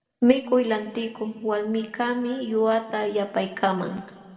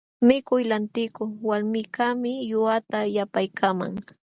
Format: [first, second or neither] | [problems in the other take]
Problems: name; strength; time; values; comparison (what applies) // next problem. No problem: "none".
second | room echo; dies away in 1.7 s